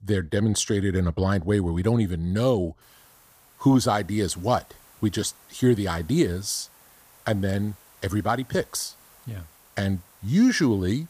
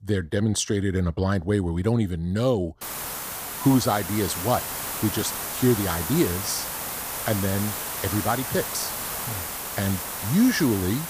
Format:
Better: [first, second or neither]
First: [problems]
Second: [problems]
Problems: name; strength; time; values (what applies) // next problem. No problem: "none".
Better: first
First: hiss; faint; from 3 s on; 25 dB below the speech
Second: hiss; loud; from 3 s on; 4 dB below the speech